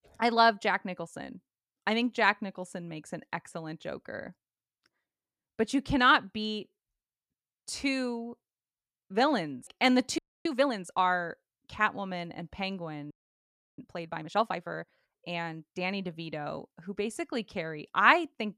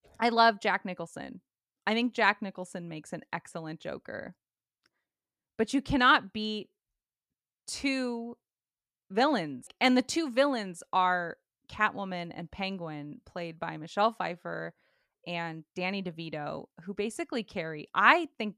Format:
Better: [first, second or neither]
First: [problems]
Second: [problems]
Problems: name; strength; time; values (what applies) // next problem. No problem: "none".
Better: second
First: audio freezing; at 10 s and at 13 s for 0.5 s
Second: none